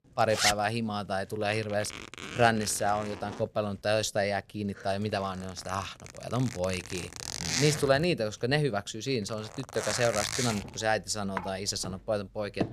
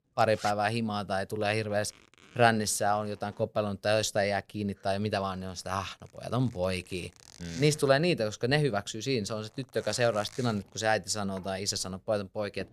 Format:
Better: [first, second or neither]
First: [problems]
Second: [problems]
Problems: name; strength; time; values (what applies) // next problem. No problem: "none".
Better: second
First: household noises; loud; throughout; 5 dB below the speech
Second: household noises; faint; throughout; 20 dB below the speech